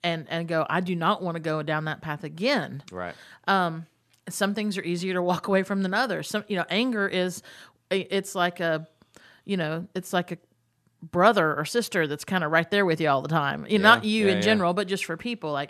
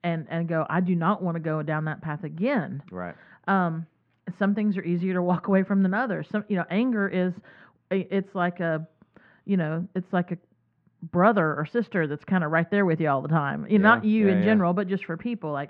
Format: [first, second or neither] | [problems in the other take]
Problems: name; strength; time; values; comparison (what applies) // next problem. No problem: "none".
first | muffled; very; fading above 2 kHz